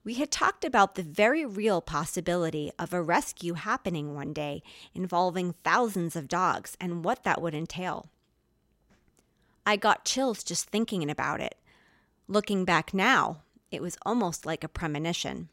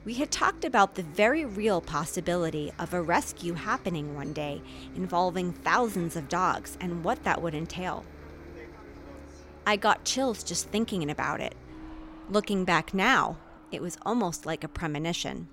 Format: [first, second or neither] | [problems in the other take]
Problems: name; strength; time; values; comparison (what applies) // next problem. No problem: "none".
first | traffic noise; noticeable; throughout; 20 dB below the speech